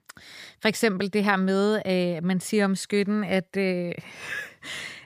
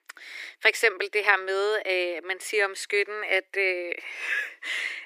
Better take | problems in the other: first | thin; very; fading below 300 Hz

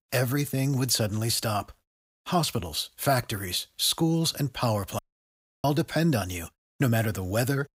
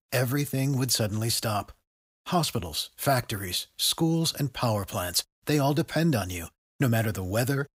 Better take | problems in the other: second | audio cutting out; at 5 s for 0.5 s

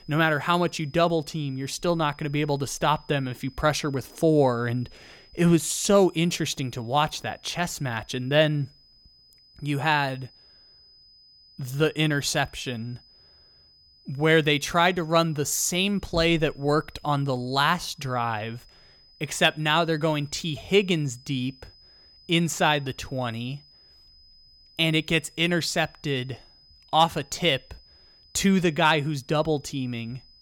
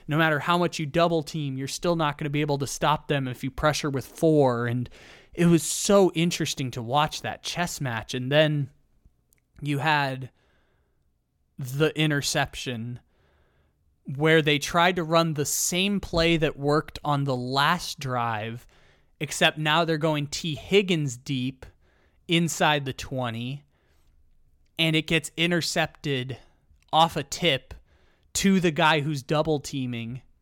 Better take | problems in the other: second | high-pitched whine; faint; throughout; 5 kHz, 30 dB below the speech

